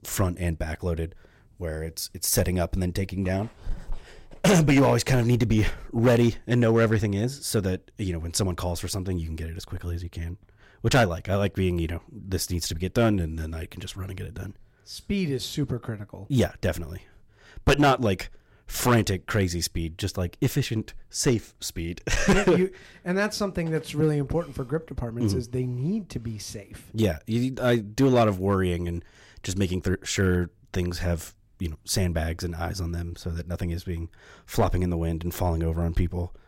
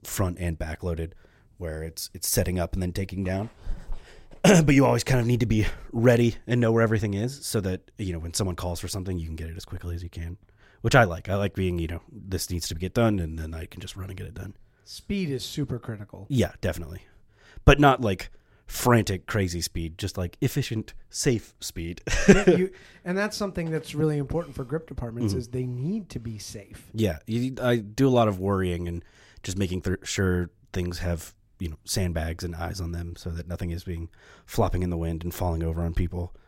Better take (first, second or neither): second